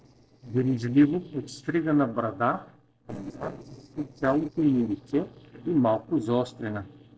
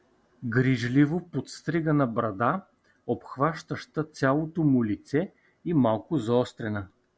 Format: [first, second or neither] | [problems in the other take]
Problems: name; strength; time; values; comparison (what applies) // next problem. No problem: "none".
second | noise reduction (neural separator model SepFormer DNS4)